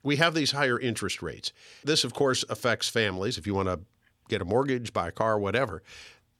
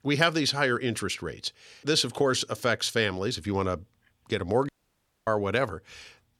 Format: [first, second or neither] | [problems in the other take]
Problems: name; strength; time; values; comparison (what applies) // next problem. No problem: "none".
first | audio cutting out; at 4.5 s for 0.5 s